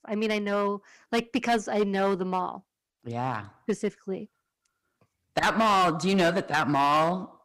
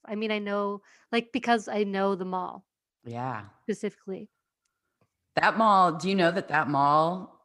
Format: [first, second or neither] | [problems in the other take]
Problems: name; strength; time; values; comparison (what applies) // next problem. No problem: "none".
second | distortion; heavy; 7% of the sound clipped